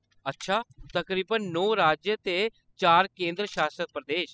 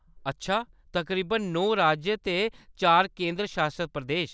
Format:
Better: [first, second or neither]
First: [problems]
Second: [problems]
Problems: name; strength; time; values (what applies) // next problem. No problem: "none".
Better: second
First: noise reduction (classical method spectral subtraction)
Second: none